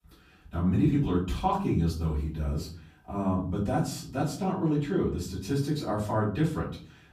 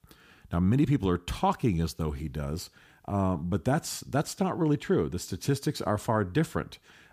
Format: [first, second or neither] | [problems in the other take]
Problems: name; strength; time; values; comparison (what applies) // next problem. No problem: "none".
second | off-mic speech; far // room echo; slight; dies away in 0.5 s